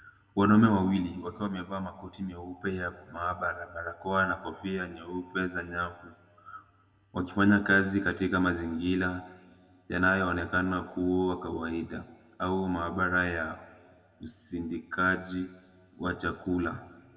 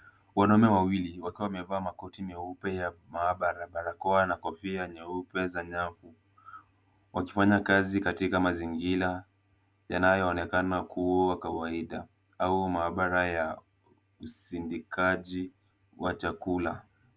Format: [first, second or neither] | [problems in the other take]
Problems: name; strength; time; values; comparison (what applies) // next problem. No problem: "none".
second | room echo; dies away in 1.2 s